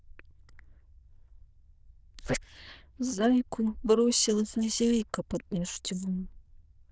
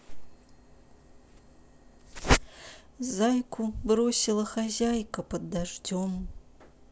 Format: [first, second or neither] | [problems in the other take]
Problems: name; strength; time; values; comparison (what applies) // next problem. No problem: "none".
second | noise reduction (neural diffusion model UNIVERSE++)